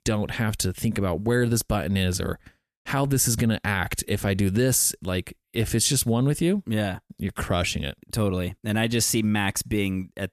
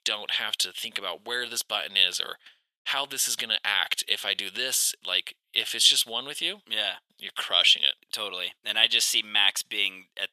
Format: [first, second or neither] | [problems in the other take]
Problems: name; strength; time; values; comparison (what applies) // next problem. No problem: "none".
first | thin; very; fading below 800 Hz